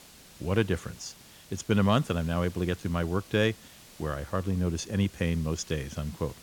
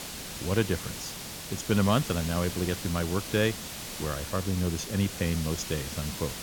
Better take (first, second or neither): first